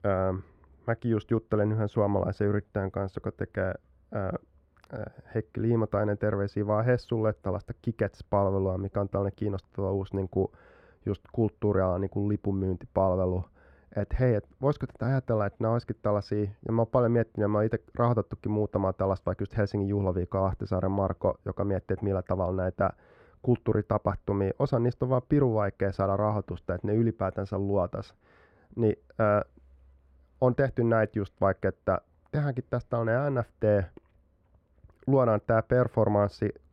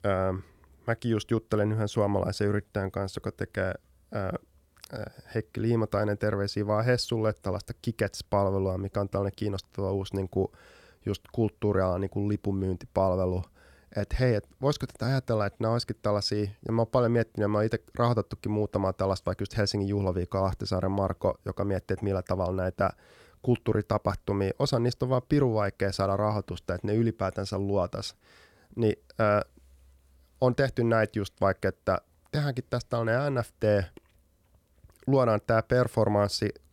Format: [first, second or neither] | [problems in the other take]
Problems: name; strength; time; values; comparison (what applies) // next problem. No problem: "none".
second | muffled; very; fading above 3 kHz